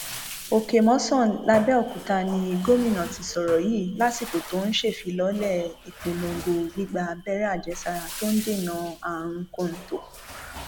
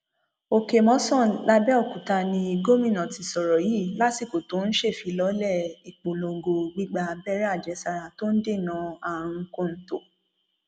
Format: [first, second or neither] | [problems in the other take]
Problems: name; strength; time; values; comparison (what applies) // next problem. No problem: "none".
second | background sound (Bathtub (filling or washing)); 14 dB below the speech